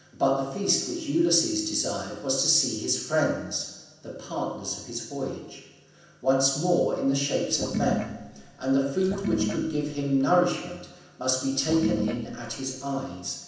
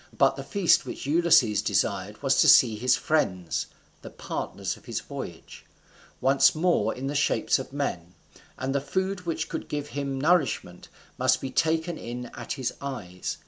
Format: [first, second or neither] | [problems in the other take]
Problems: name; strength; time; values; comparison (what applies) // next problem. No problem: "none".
second | background sound (Sink (filling or washing) / Water); 6 dB below the speech // room echo; dies away in 0.9 s